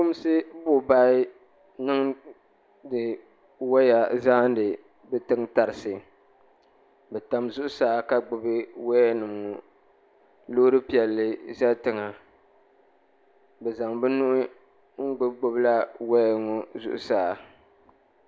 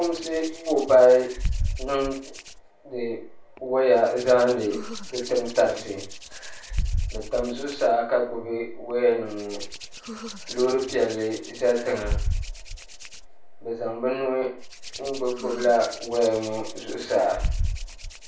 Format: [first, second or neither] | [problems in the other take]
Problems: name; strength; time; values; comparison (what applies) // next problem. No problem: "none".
first | background sound (Hands); 8 dB below the speech // room echo; dies away in 0.3 s